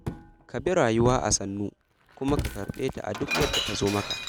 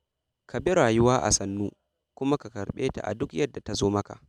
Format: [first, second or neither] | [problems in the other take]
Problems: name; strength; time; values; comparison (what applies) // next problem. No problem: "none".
second | background sound (Shatter); 6 dB below the speech